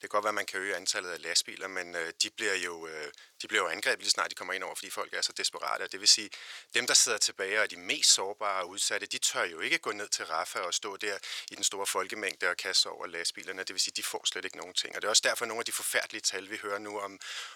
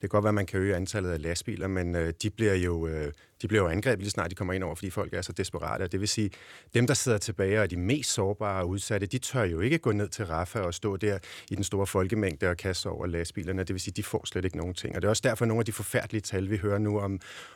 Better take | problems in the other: second | thin; very; fading below 800 Hz

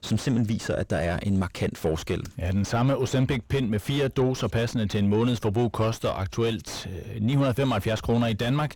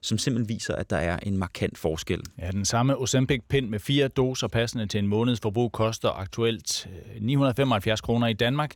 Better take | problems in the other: second | distortion; heavy; 8 dB below the speech

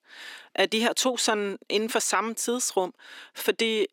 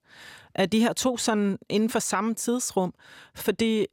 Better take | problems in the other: second | thin; somewhat; fading below 300 Hz

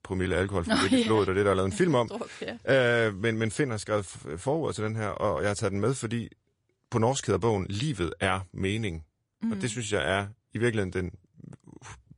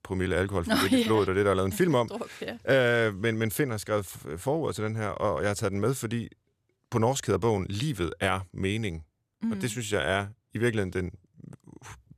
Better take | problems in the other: second | garbled, watery; slightly; nothing above 10.5 kHz

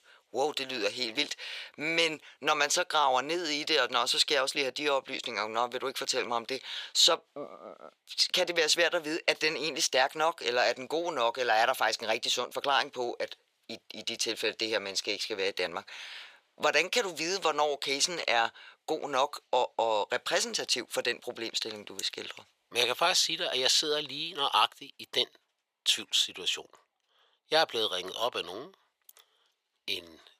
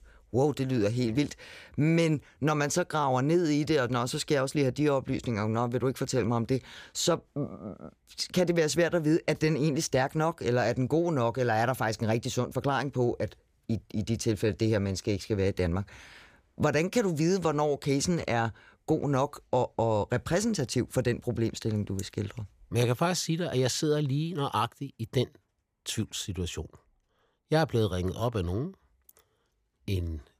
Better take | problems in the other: second | thin; very; fading below 700 Hz

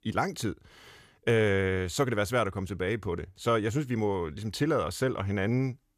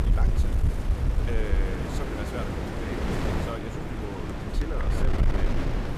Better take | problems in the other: first | wind noise on the microphone; heavy; 4 dB above the speech

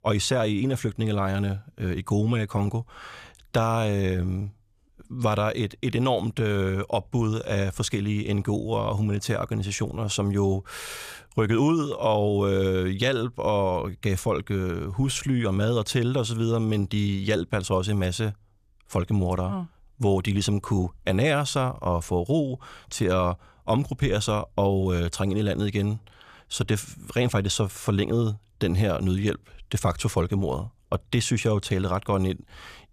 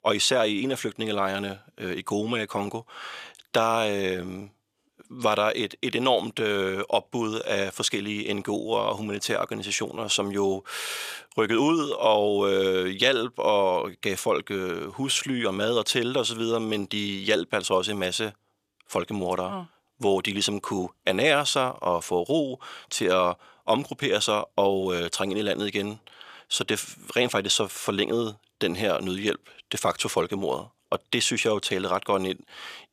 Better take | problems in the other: first | thin; somewhat; fading below 300 Hz

